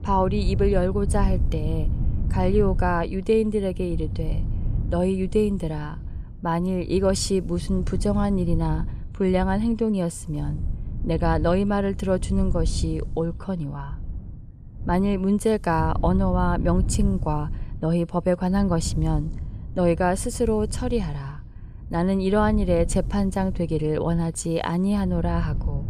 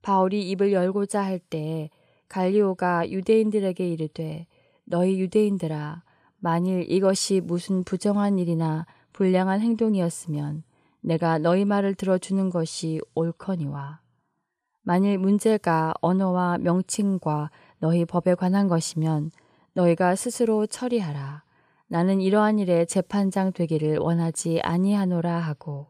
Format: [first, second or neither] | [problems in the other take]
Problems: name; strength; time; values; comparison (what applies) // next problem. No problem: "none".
second | wind noise on the microphone; occasional gusts; 20 dB below the speech